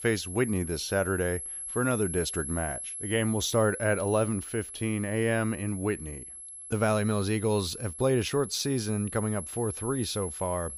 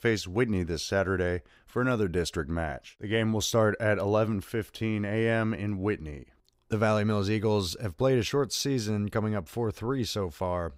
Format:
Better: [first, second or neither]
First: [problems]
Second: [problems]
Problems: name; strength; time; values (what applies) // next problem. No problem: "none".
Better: second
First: high-pitched whine; loud; throughout; 11 kHz, 8 dB below the speech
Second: none